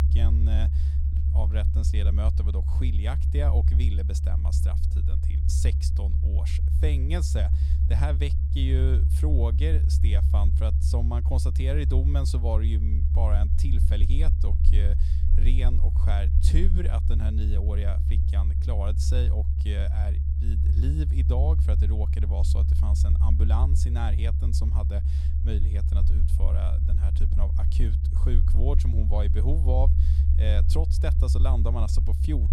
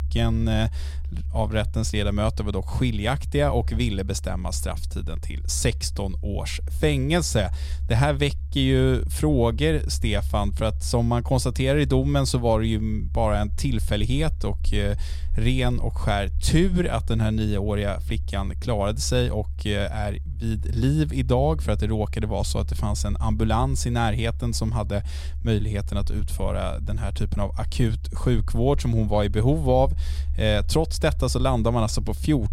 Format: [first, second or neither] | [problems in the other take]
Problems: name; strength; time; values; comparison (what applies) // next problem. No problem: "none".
second | low rumble; loud; throughout; 3 dB below the speech; faint in the second